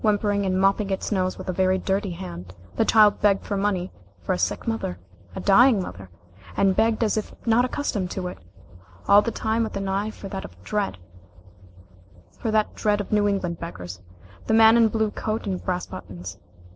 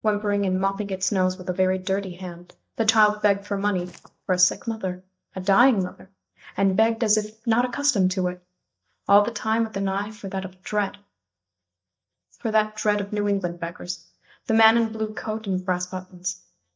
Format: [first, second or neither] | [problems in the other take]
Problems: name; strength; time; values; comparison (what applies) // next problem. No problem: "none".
first | noise reduction (neural mask model DeepFilterNet 3)